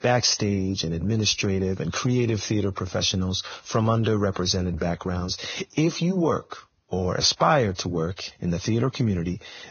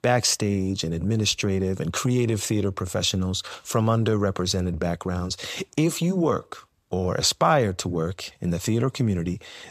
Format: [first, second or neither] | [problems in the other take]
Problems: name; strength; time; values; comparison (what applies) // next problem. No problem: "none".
second | garbled, watery; badly; nothing above 6.5 kHz